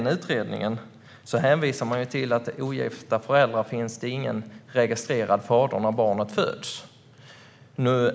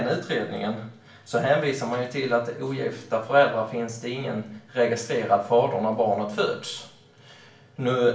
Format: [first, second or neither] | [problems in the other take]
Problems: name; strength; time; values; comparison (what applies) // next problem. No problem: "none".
first | room echo; dies away in 0.4 s